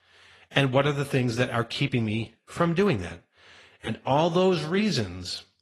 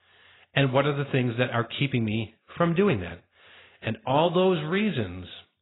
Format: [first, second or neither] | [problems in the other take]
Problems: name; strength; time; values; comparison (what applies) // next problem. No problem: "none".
first | garbled, watery; badly; nothing above 4 kHz; slightly in the first